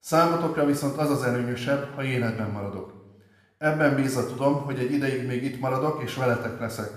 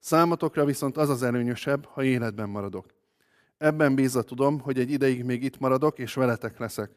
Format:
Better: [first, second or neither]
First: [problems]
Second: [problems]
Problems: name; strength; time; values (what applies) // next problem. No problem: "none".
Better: second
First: room echo; noticeable; dies away in 0.9 s // off-mic speech; somewhat distant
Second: none